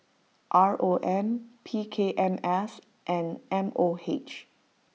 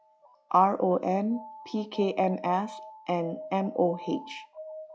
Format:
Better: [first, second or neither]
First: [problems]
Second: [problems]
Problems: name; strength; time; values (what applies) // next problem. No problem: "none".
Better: first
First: none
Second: noise reduction (classical method log-MMSE)